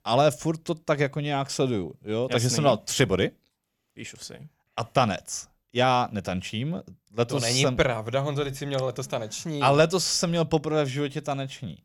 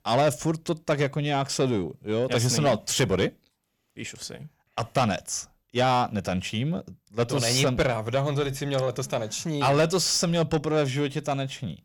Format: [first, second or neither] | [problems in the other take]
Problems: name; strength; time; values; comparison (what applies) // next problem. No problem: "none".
first | distortion; slight; 10 dB below the speech